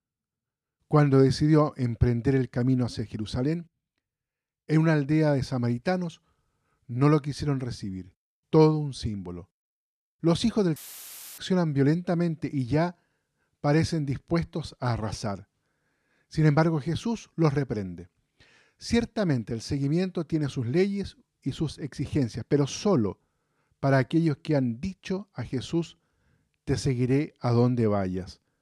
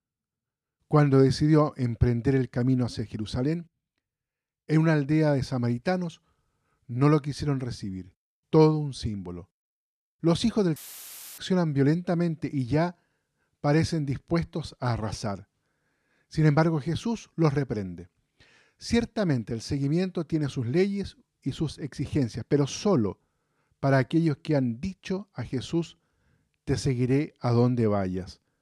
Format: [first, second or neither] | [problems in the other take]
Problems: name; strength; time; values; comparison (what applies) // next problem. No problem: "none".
neither | audio cutting out; filled with static; at 11 s for 0.5 s; the same in both